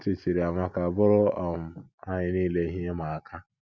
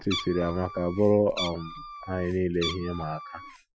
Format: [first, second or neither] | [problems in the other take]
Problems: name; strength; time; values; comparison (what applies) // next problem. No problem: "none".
first | noise reduction (classical method Wiener filter)